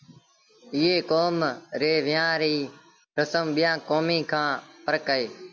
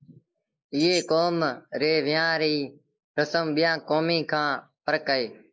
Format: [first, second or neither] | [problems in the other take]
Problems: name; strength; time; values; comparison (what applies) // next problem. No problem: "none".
first | noise reduction (neural mask model Resemble Enhance denoiser)